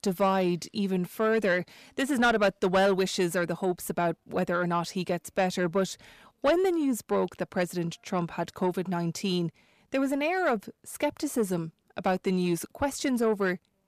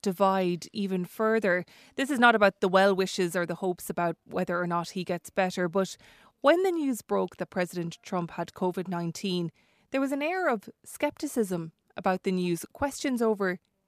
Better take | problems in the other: second | distortion; slight; 10 dB below the speech

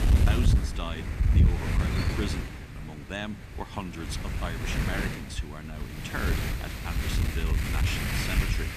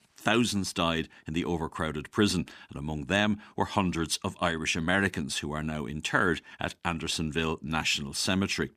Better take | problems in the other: second | wind noise on the microphone; heavy; 2 dB above the speech

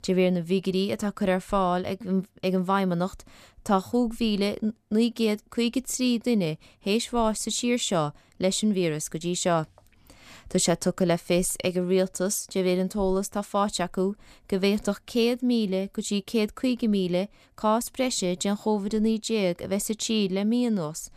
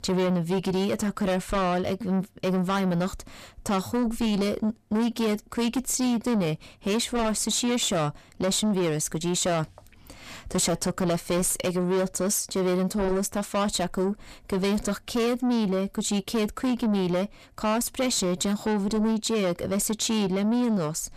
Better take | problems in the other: first | distortion; heavy; 7 dB below the speech

